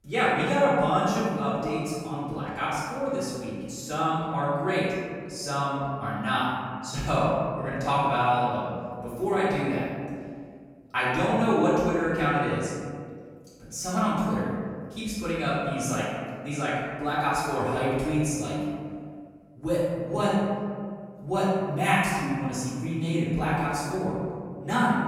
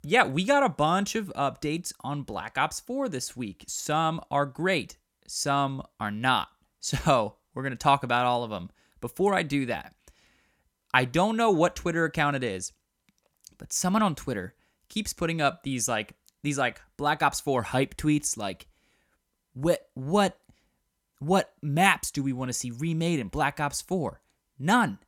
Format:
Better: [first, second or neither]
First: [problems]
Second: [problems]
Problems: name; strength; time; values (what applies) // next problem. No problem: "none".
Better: second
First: off-mic speech; far // room echo; strong; dies away in 2.1 s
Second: none